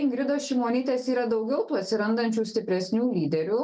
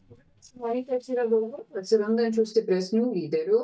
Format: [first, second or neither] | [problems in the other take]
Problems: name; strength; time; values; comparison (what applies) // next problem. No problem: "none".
first | noise reduction (neural mask model DeepFilterNet 3)